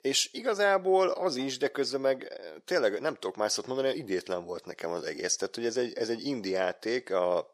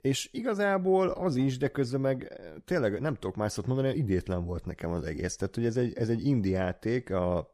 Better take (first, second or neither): second